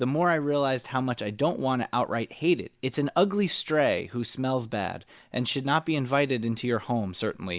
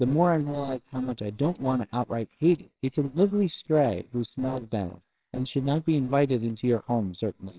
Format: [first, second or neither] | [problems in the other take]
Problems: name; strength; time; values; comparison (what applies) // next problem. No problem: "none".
first | noise reduction (neural separator model SepFormer WHAMR!)